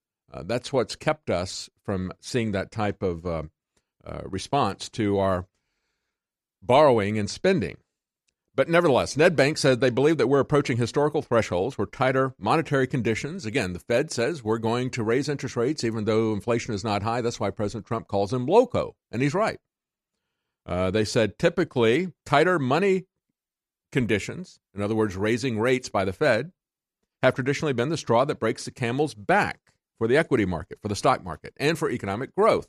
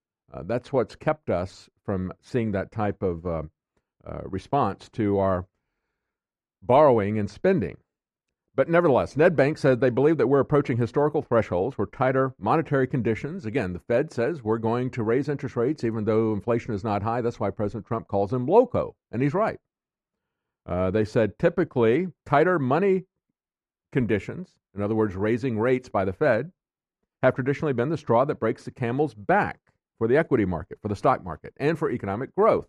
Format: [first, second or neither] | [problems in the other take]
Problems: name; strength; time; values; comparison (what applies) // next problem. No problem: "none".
first | muffled; slightly; fading above 2.5 kHz